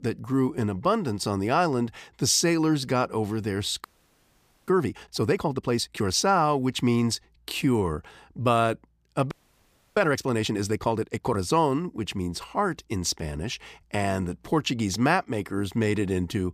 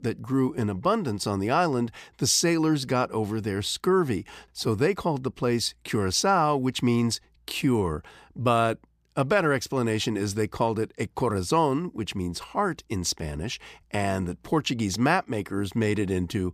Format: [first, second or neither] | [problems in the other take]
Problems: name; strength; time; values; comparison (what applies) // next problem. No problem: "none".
second | audio freezing; at 4 s for 1 s and at 9.5 s for 0.5 s